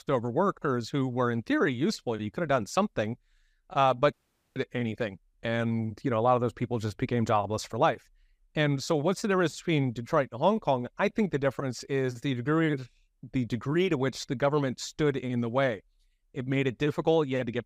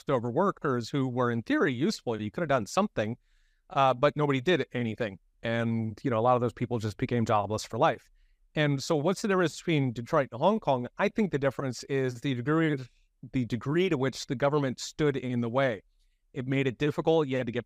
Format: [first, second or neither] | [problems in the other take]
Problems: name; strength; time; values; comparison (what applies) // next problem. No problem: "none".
second | audio cutting out; at 4 s